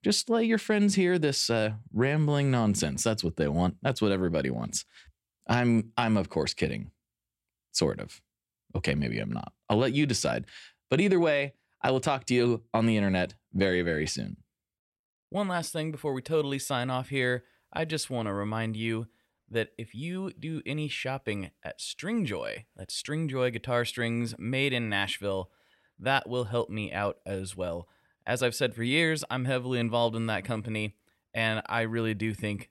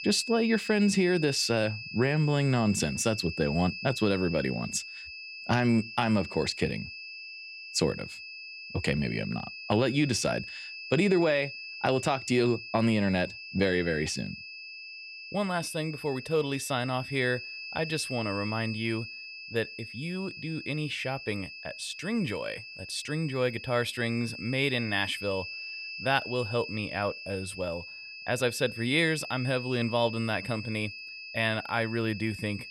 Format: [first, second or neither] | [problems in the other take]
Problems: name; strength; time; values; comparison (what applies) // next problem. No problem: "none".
first | high-pitched whine; loud; throughout; 2.5 kHz, 10 dB below the speech